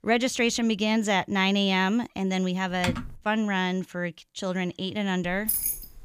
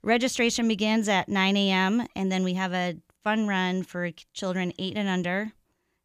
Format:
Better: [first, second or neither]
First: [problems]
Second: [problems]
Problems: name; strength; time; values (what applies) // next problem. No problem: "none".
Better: second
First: keyboard typing; noticeable; at 3 s; peak 5 dB below the speech // jangling keys; loud; at 5.5 s; peak 1 dB above the speech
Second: none